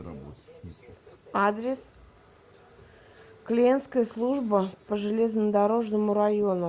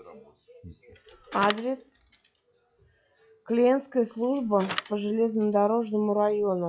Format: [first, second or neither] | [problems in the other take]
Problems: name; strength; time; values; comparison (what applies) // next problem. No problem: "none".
first | noise reduction (classical method log-MMSE)